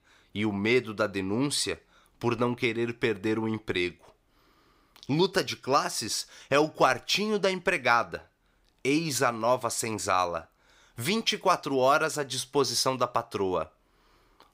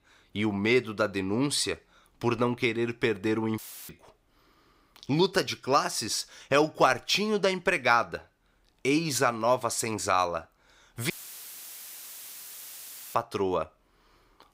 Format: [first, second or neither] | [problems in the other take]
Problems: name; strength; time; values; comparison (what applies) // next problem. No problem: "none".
first | audio cutting out; filled with static; at 3.5 s and at 11 s for 2 s